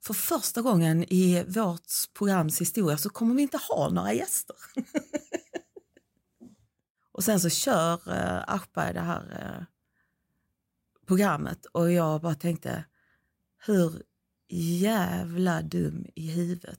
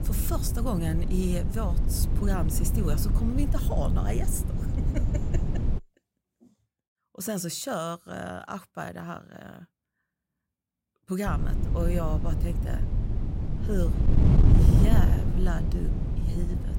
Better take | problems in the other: first | wind noise on the microphone; heavy; until 6 s and from 11 s on; 3 dB below the speech

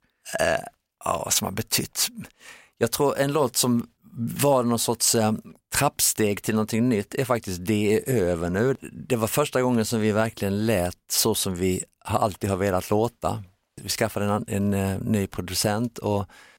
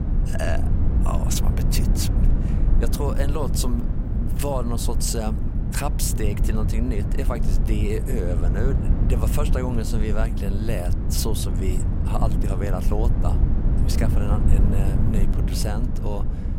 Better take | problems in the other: first | low rumble; loud; throughout; 5 dB below the speech

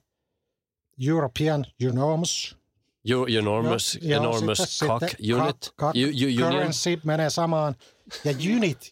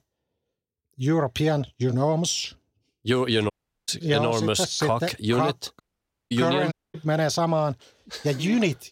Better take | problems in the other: first | audio cutting out; at 3.5 s, at 6 s for 0.5 s and at 6.5 s

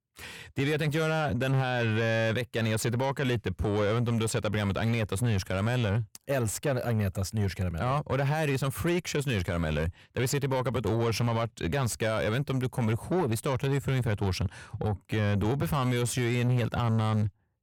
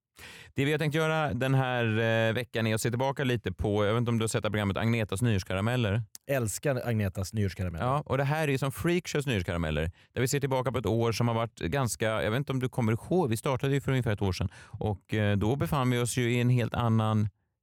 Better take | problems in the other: second | distortion; slight; 10 dB below the speech

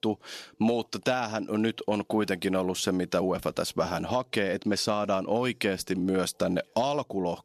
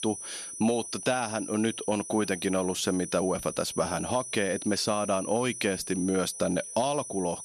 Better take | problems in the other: first | high-pitched whine; loud; throughout; 10 kHz, 8 dB below the speech

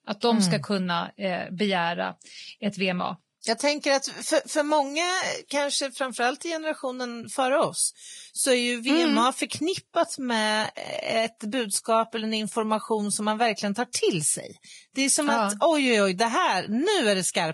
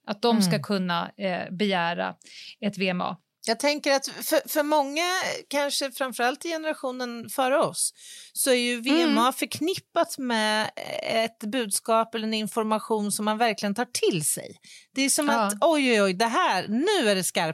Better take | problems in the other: second | garbled, watery; badly; nothing above 10.5 kHz

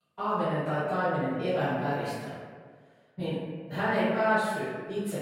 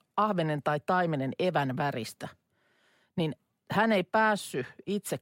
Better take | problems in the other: second | room echo; strong; dies away in 1.4 s // off-mic speech; far

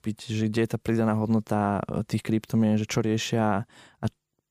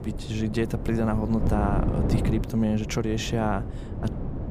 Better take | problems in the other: first | wind noise on the microphone; heavy; 7 dB below the speech

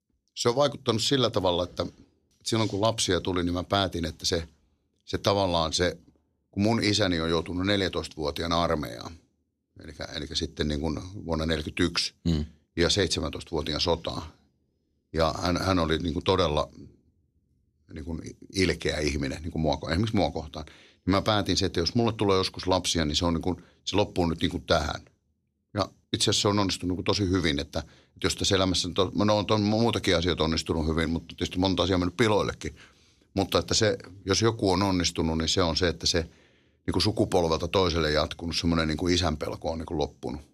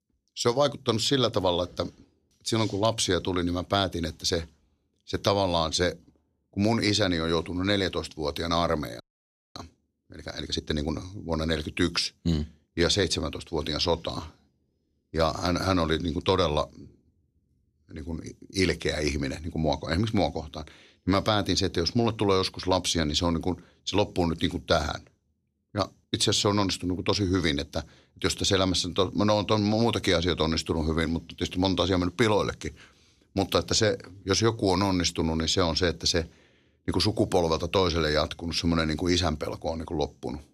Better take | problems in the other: first | audio freezing; at 9 s for 0.5 s

